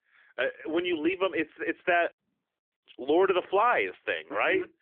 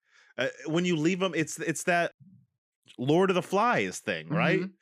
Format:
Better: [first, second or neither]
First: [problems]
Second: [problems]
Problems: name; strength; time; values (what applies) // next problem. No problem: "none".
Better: second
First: phone-call audio; nothing above 3 kHz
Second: none